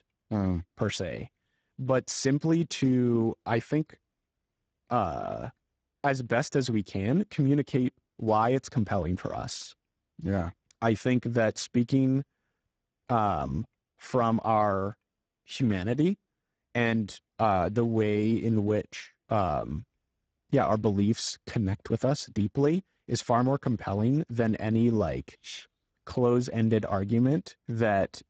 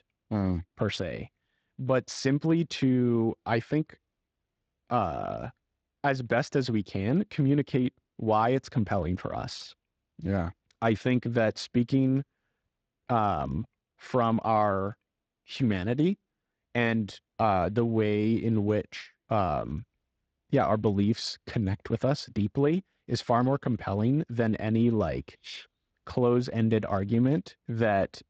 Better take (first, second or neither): second